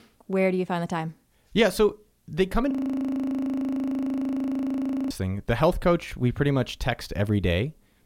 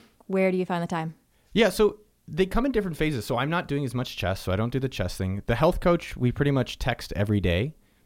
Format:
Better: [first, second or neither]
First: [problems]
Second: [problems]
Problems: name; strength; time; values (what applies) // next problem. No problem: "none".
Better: second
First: audio freezing; at 2.5 s for 2.5 s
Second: none